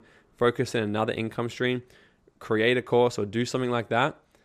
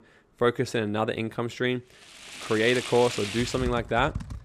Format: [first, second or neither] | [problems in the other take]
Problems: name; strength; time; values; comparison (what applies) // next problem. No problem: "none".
first | household noises; loud; from 2.5 s on; 9 dB below the speech